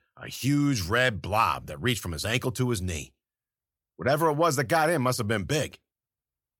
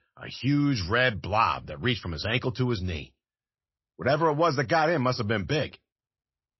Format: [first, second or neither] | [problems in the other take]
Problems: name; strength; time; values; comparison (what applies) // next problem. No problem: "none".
first | garbled, watery; slightly; nothing above 5.5 kHz